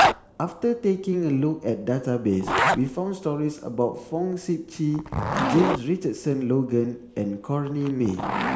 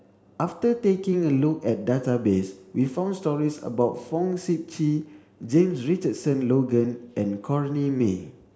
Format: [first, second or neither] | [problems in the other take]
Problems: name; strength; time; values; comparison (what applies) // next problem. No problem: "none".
second | background sound (Zipper (clothing)); 4 dB below the speech